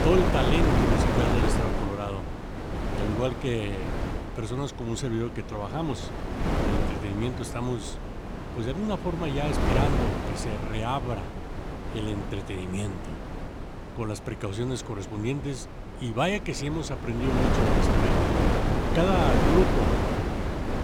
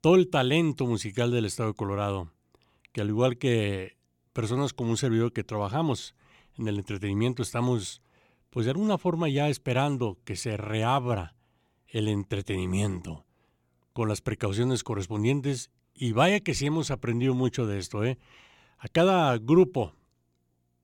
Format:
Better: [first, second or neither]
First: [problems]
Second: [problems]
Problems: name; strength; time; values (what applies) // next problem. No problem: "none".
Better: second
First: wind noise on the microphone; heavy; 1 dB above the speech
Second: none